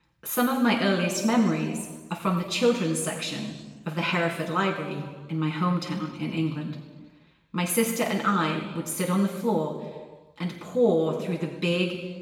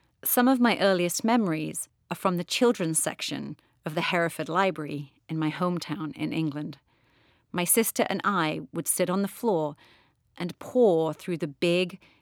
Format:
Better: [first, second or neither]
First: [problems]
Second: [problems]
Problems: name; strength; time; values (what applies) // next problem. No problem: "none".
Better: second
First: room echo; noticeable; dies away in 1.2 s // off-mic speech; far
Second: none